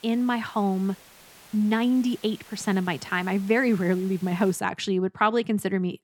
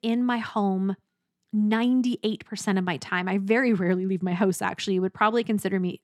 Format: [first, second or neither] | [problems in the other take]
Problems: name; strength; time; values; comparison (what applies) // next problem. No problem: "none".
second | hiss; faint; until 4.5 s; 25 dB below the speech